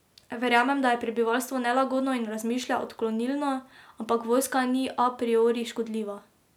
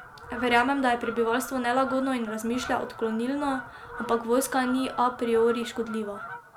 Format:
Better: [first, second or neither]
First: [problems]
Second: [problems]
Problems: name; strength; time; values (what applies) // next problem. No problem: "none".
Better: first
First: none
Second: background sound (Fowl); 13 dB below the speech